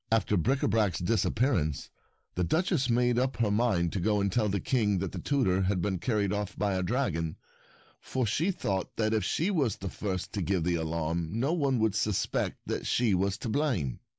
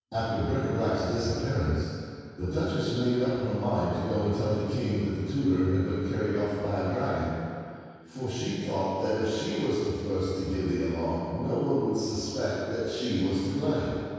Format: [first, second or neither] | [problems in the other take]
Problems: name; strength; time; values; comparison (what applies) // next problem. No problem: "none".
first | room echo; dies away in 2.2 s